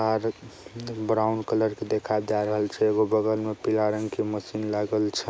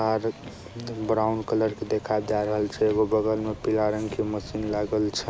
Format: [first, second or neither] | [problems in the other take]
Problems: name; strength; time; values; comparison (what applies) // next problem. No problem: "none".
first | background sound (Motor vehicle (road)); 16 dB below the speech